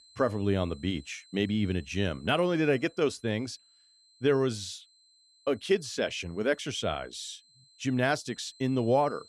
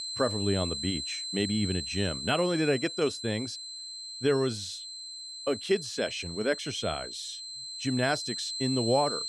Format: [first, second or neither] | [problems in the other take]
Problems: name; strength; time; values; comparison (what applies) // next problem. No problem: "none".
first | high-pitched whine; loud; throughout; 4 kHz, 5 dB below the speech; faint in the first